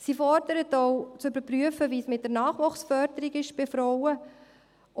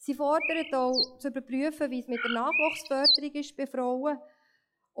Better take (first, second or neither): first